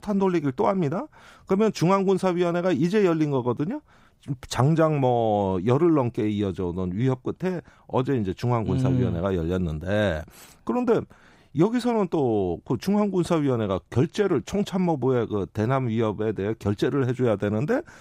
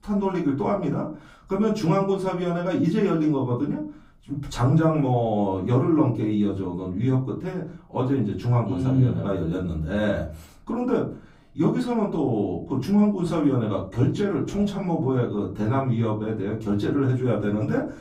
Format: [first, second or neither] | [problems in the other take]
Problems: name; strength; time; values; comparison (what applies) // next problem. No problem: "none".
first | off-mic speech; far // room echo; slight; dies away in 0.4 s